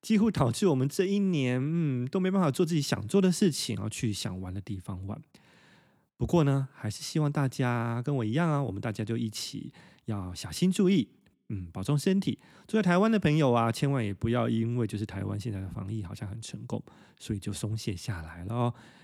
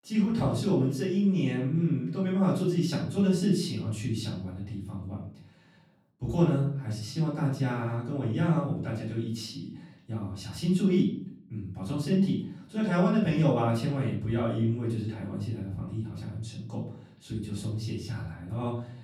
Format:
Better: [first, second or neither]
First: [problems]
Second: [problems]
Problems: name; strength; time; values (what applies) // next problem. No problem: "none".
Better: first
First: none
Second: room echo; noticeable; dies away in 0.6 s // off-mic speech; far